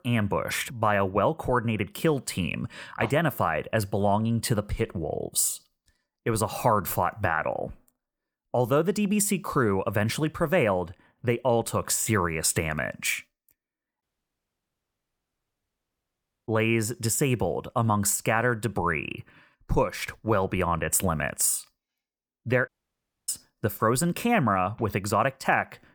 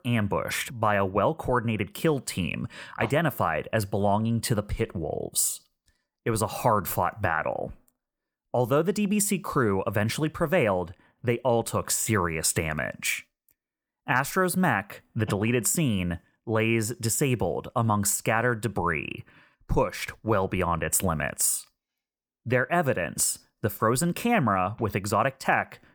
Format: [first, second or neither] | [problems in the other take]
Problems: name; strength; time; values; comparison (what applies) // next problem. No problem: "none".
second | audio cutting out; at 14 s for 2.5 s and at 23 s for 0.5 s